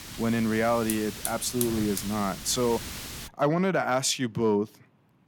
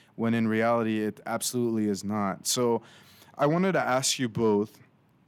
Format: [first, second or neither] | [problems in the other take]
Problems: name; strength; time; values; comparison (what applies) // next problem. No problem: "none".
second | hiss; loud; until 3.5 s; 9 dB below the speech